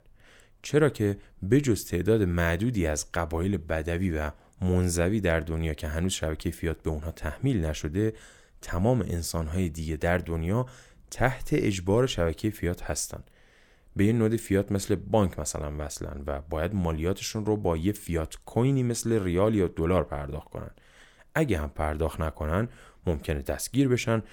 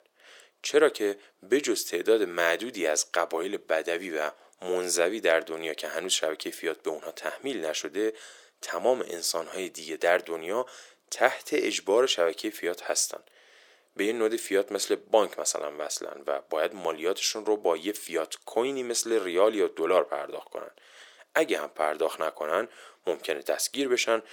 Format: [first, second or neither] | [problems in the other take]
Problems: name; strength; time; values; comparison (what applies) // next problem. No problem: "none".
first | thin; very; fading below 350 Hz